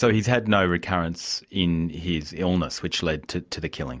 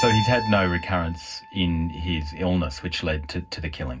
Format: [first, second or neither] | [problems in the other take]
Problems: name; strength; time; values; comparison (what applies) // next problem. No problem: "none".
first | background sound (Keyboard (musical)); 9 dB below the speech // room echo; dies away in 0.4 s